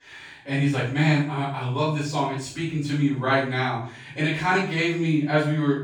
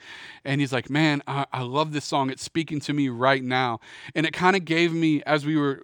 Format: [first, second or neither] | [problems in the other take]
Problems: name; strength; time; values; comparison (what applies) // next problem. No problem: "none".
second | off-mic speech; far // room echo; noticeable; dies away in 0.5 s